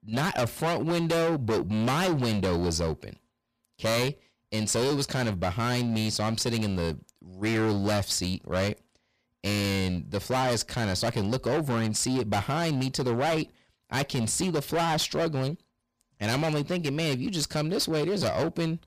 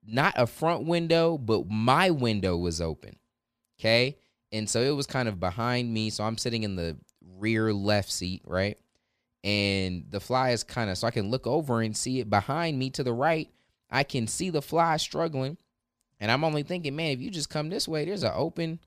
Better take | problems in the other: second | distortion; heavy; 21% of the sound clipped

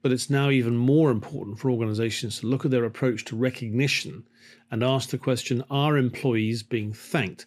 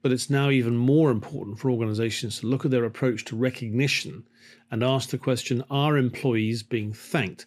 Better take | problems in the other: neither | none

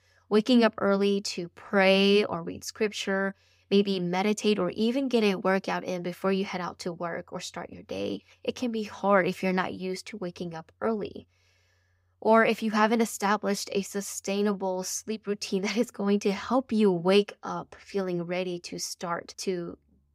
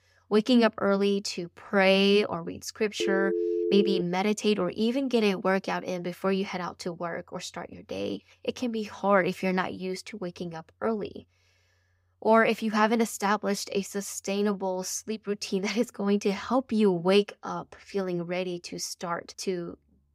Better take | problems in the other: first | phone ringing; noticeable; from 3 to 4 s; peak level with the speech

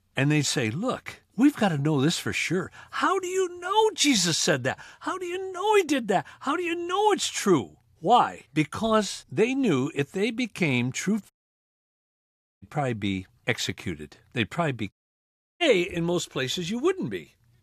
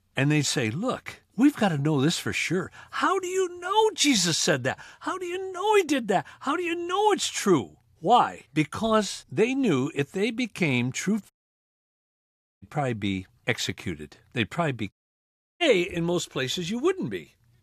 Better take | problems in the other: neither | audio cutting out; at 11 s for 1.5 s and at 15 s for 0.5 s; the same in both

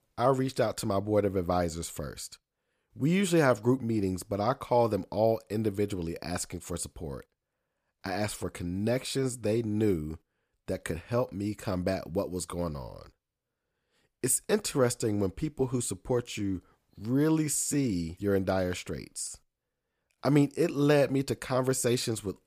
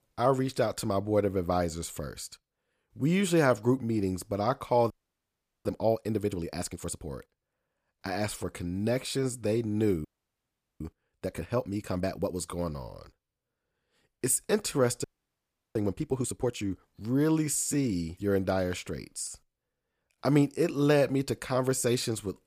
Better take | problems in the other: first | audio freezing; at 5 s for 1 s, at 10 s for 1 s and at 15 s for 0.5 s

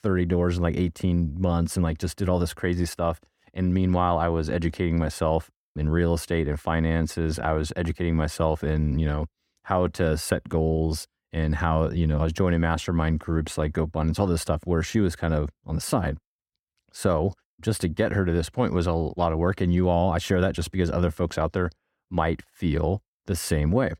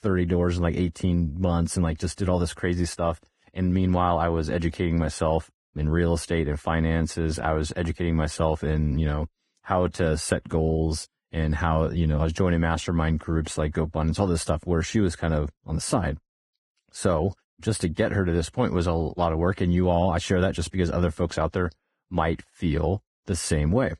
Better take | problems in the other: first | garbled, watery; badly; nothing above 10.5 kHz

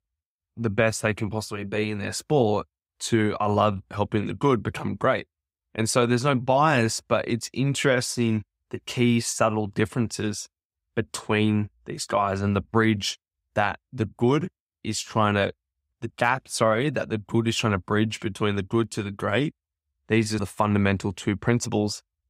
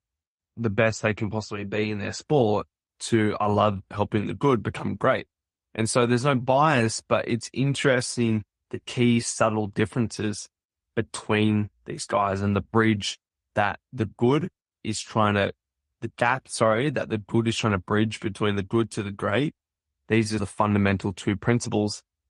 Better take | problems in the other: first | garbled, watery; slightly; nothing above 9.5 kHz

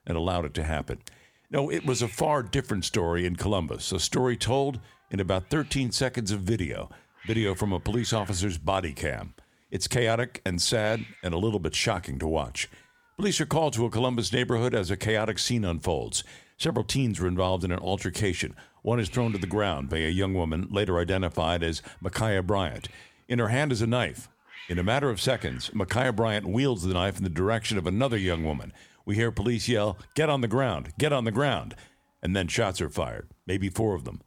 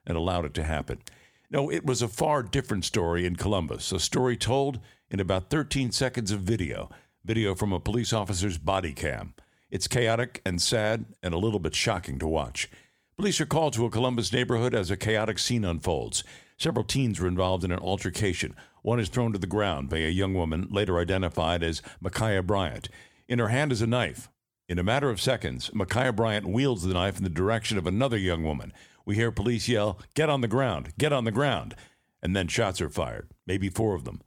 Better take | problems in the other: second | hiss; faint; throughout; 20 dB below the speech

